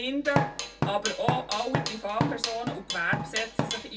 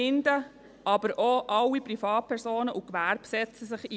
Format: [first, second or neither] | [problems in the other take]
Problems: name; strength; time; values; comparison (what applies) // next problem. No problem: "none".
second | background sound (Drum kit); 1 dB above the speech // room echo; dies away in 0.1 s